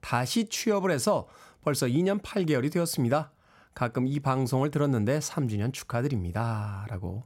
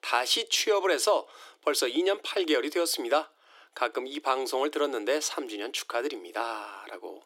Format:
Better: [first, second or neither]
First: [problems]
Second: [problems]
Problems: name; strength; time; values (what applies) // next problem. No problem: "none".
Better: first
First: none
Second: thin; very; fading below 300 Hz